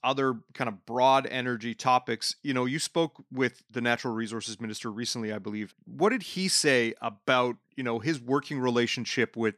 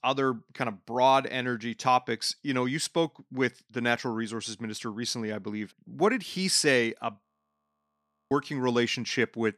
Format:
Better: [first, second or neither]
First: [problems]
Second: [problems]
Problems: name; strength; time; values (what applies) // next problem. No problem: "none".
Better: first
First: none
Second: audio freezing; at 7 s for 1 s